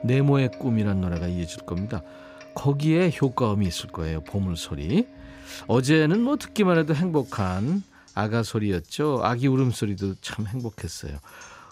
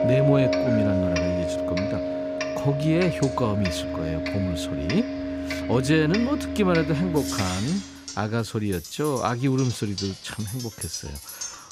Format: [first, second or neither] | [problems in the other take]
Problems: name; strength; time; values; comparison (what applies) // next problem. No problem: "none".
first | household noises; loud; throughout; 3 dB below the speech; faint in the first